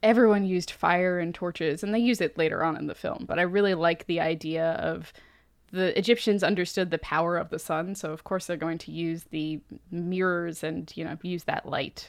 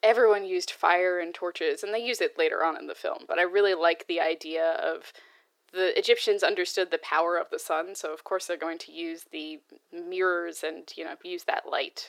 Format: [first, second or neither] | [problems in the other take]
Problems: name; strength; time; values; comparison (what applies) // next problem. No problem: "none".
first | thin; very; fading below 350 Hz